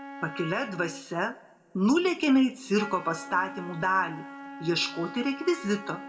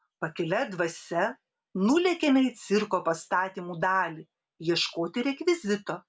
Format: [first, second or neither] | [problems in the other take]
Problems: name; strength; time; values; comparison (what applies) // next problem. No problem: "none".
second | background sound (Wind instrument, woodwind instrument); 14 dB below the speech // room echo; dies away in 1.1 s